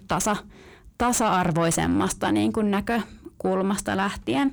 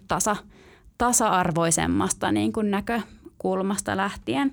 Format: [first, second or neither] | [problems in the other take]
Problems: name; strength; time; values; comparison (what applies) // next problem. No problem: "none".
second | distortion; slight; 10 dB below the speech